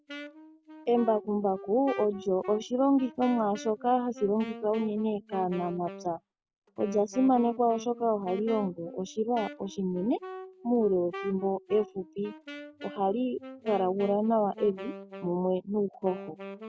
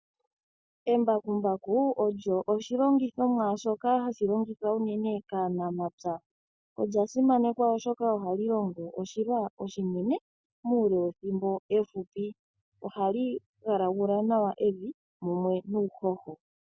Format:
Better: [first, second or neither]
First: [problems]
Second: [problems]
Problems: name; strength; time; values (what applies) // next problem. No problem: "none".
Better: second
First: background sound (Wind instrument, woodwind instrument); 15 dB below the speech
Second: none